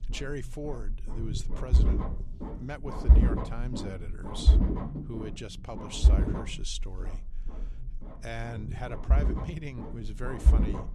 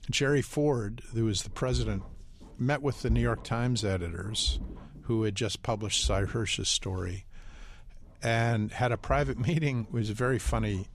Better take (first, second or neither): second